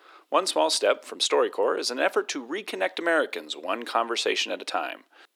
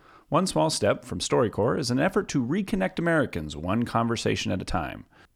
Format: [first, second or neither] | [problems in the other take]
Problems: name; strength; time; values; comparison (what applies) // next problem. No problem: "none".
second | thin; very; fading below 350 Hz